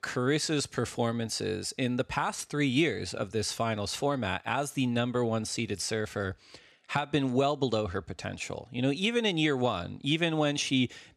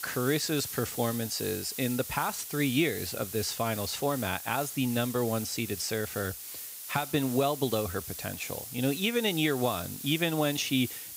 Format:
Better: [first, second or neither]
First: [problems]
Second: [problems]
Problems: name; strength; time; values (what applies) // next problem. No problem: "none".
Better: first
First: none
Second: hiss; loud; throughout; 7 dB below the speech